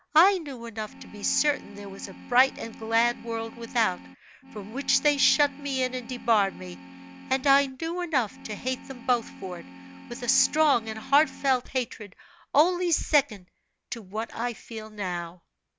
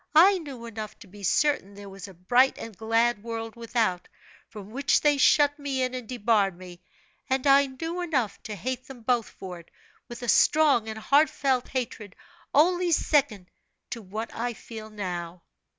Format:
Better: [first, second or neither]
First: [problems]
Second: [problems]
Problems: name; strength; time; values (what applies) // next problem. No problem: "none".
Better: second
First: background sound (Organ); 16 dB below the speech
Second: none